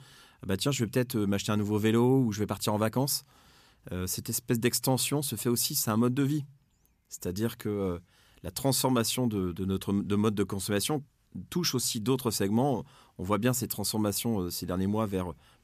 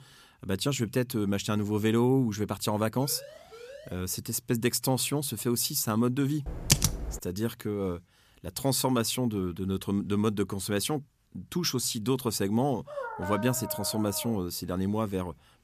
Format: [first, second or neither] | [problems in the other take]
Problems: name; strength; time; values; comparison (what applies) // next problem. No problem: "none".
first | siren; faint; from 3 to 4 s; peak 15 dB below the speech // keyboard typing; loud; at 6.5 s; peak 4 dB above the speech // dog barking; noticeable; from 13 to 14 s; peak 7 dB below the speech